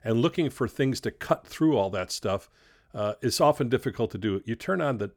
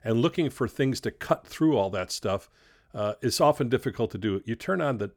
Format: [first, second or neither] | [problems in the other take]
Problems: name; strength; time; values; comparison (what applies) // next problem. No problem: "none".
neither | none